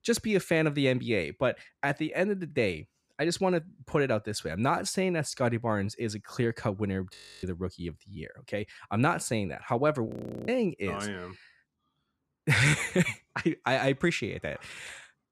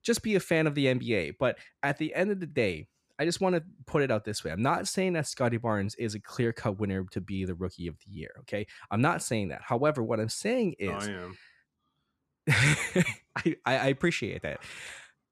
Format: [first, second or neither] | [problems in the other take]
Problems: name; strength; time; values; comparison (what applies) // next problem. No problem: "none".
second | audio freezing; at 7 s and at 10 s